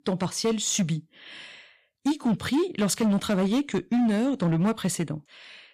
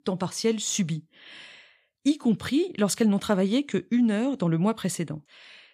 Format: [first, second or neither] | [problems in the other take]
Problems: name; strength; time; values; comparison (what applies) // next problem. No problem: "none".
second | distortion; slight; 11% of the sound clipped